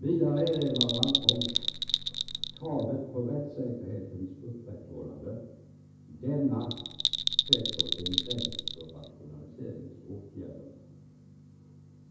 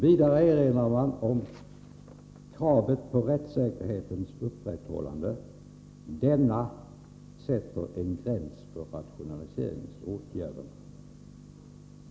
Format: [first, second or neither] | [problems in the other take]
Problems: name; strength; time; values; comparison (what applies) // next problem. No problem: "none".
second | background sound (Bell); 3 dB above the speech // room echo; dies away in 0.9 s